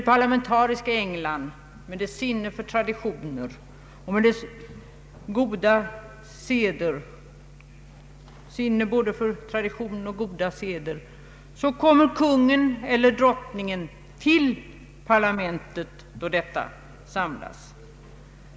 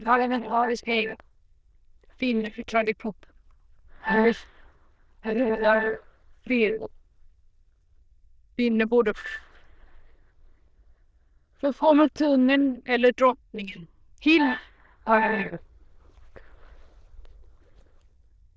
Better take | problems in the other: first | noise reduction (neural diffusion model UNIVERSE++)

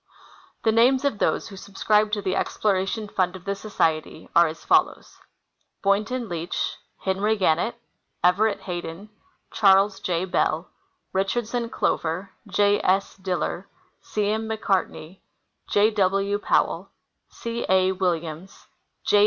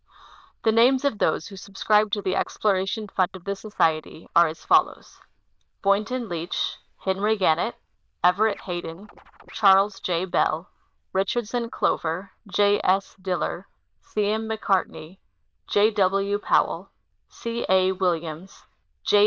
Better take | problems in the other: first | noise reduction (neural diffusion model UNIVERSE++)

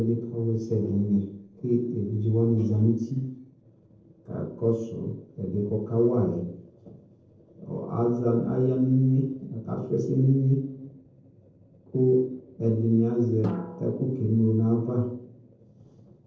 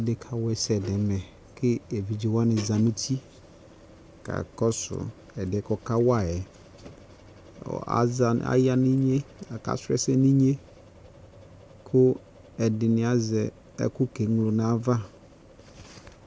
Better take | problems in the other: second | noise reduction (neural separator model SepFormer DNS4)

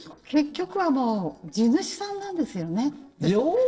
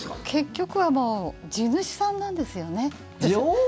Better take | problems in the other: second | noise reduction (neural separator model SepFormer DNS4)

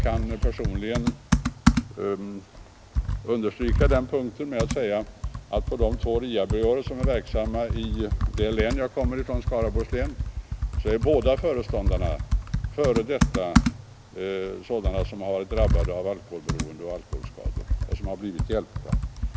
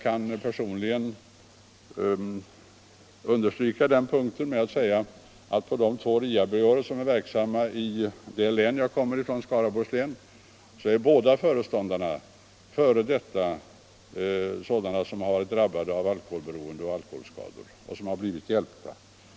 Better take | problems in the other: second | background sound (Computer keyboard); 1 dB above the speech

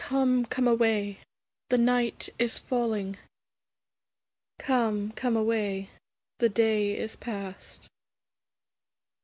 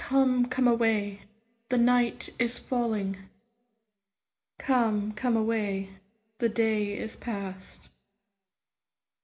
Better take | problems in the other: first | room echo; dies away in 0.4 s

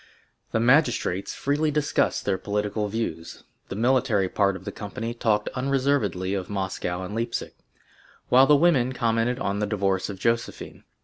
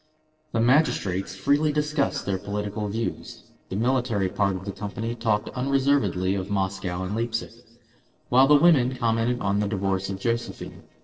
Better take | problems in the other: first | noise reduction (neural separator model SepFormer DNS4)

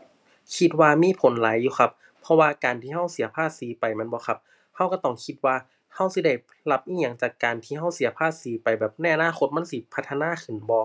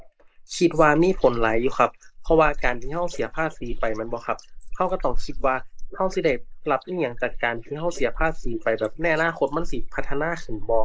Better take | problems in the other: first | noise reduction (neural mask model Resemble Enhance denoiser)

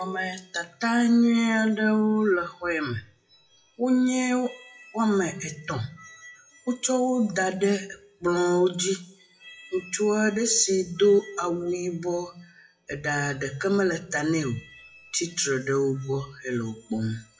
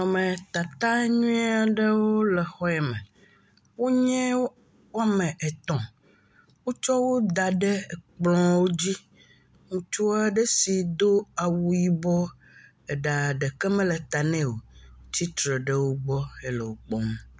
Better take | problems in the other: second | noise reduction (classical method WPE with log-MMSE)

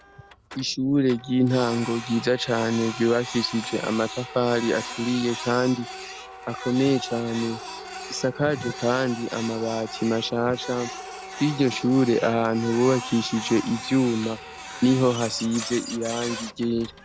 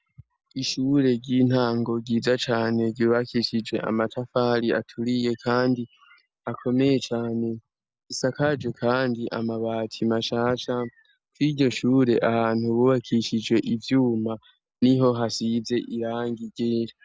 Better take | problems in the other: second | background sound (Printer); 12 dB below the speech

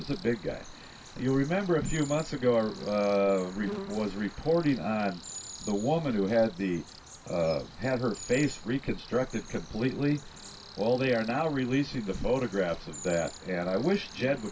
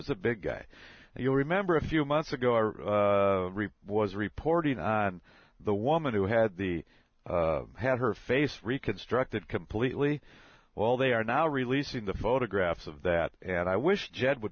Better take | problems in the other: second | background sound (Cricket); 16 dB below the speech // room echo; dies away in 0.2 s

